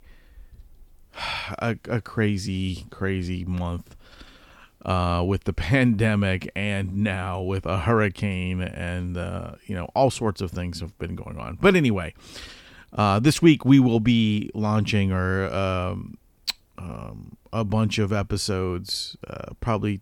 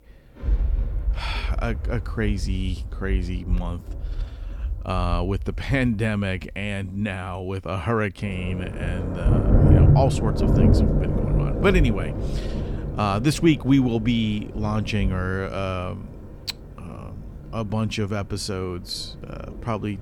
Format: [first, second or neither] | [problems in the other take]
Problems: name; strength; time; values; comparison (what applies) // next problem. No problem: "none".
first | rain or running water; very loud; throughout; 1 dB above the speech